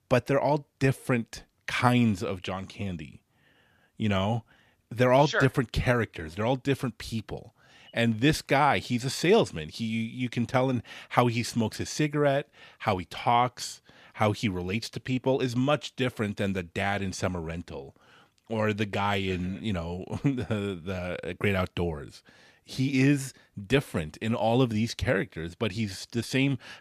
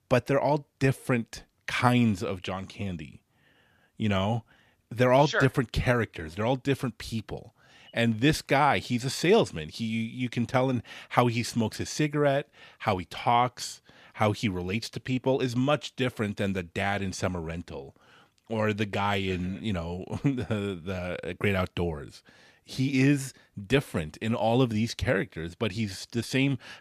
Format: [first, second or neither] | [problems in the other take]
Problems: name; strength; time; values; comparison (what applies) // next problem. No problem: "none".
neither | none